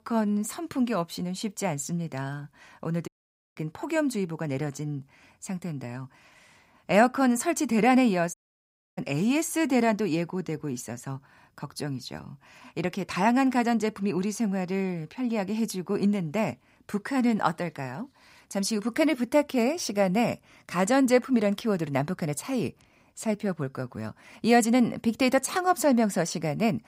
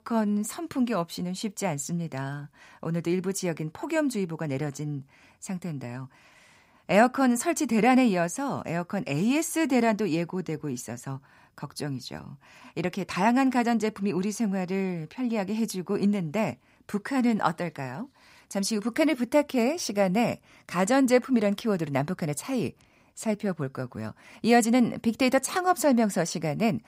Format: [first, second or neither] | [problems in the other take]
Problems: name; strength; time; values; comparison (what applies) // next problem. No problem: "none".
second | audio cutting out; at 3 s and at 8.5 s for 0.5 s